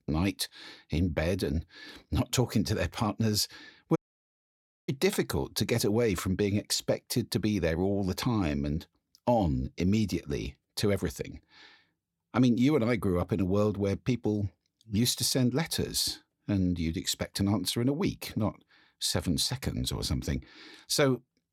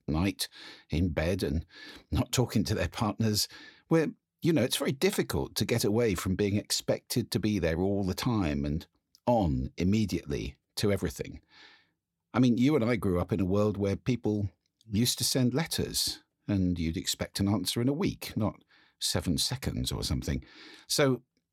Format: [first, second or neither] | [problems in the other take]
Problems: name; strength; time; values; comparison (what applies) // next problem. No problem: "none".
second | audio cutting out; at 4 s for 1 s